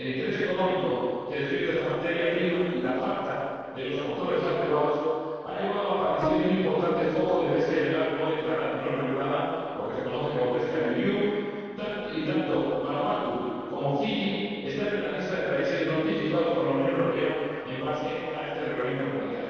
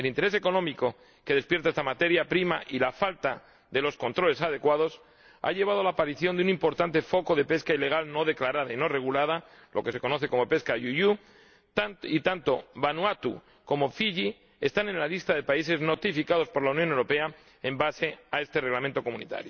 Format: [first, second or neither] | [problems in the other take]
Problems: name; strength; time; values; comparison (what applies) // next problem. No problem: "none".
second | noise reduction (neural separator model SepFormer DNS4)